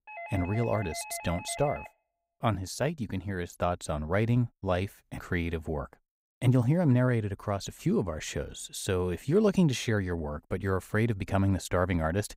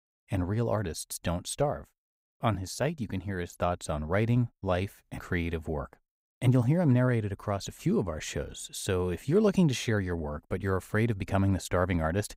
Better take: second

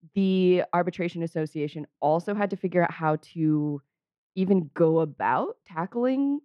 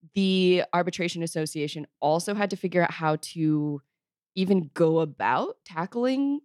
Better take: second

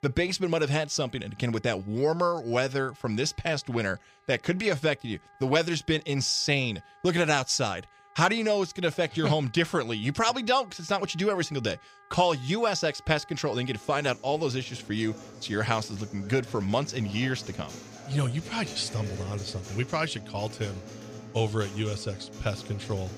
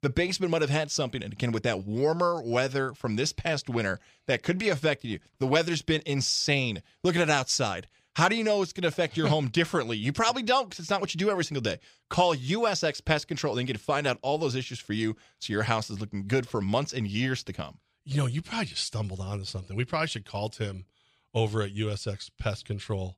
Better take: second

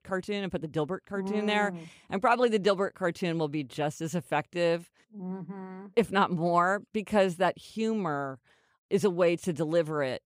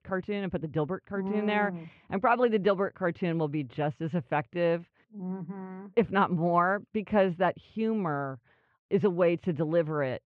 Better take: first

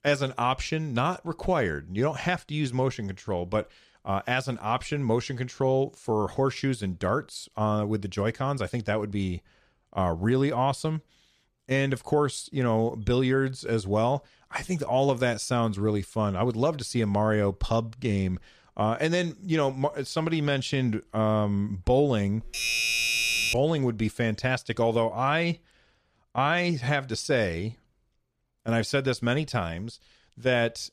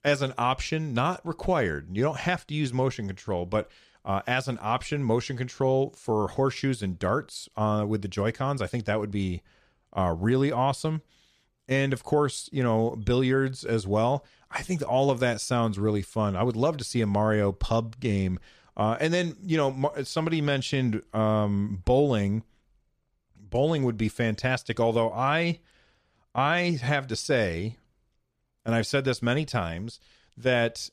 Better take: second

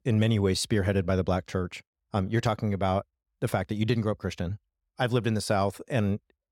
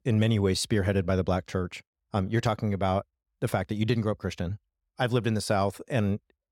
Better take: neither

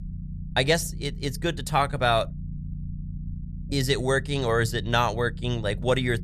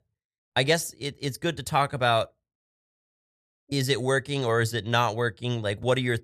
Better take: second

